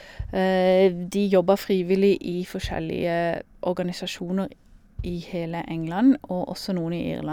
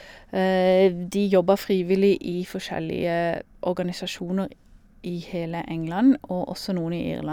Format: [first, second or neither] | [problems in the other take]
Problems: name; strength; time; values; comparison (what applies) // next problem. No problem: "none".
second | background sound (Bass drum); 19 dB below the speech